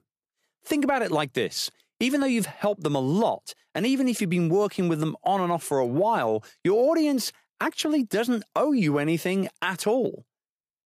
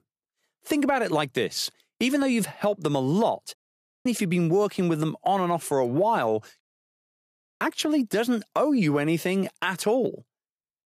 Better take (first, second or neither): first